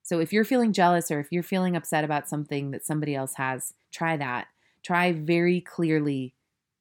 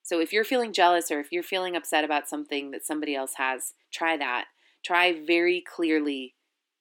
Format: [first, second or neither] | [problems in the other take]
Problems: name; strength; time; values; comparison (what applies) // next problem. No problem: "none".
first | thin; somewhat; fading below 300 Hz